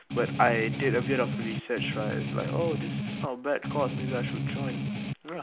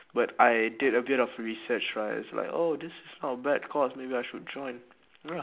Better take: second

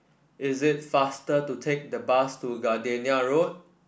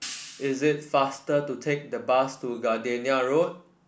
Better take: first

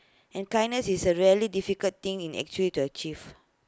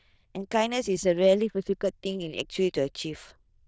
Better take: first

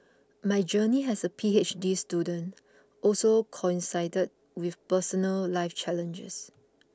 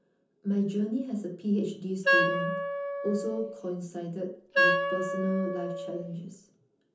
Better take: first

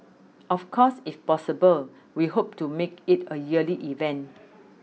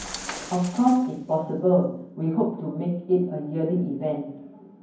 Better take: first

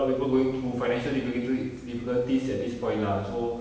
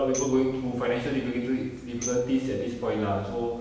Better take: first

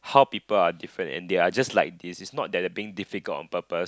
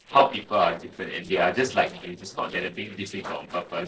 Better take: first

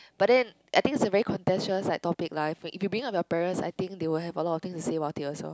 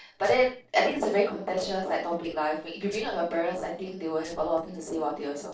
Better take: first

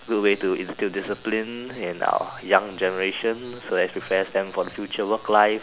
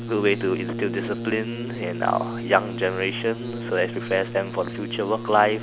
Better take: first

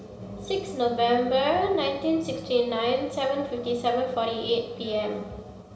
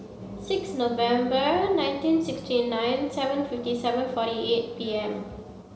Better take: second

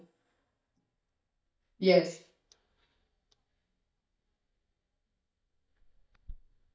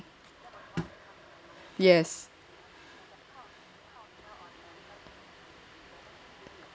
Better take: second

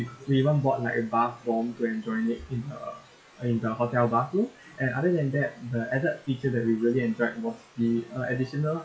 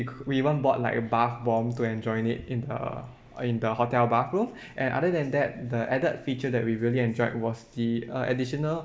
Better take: second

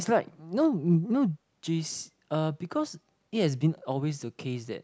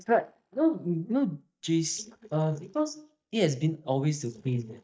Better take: first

